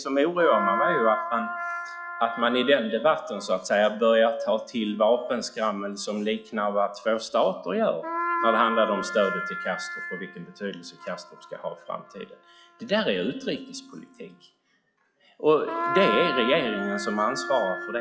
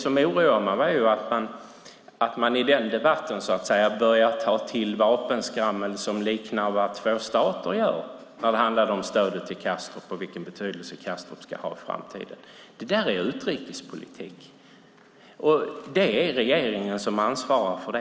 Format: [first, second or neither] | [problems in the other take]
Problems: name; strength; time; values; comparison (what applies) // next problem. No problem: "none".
second | noise reduction (classical method log-MMSE)